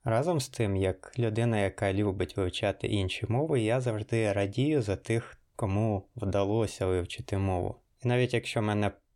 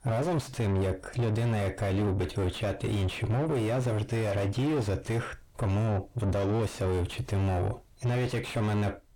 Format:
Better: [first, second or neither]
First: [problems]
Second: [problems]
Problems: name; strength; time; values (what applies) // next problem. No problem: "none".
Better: first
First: none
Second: distortion; heavy; 4 dB below the speech